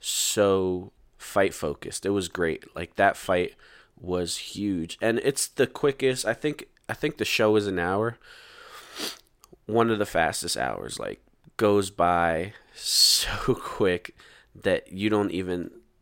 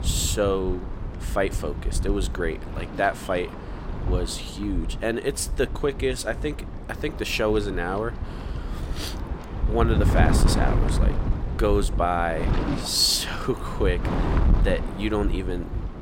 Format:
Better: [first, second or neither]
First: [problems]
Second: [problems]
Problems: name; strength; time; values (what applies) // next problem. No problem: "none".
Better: first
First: none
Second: wind noise on the microphone; heavy; 9 dB below the speech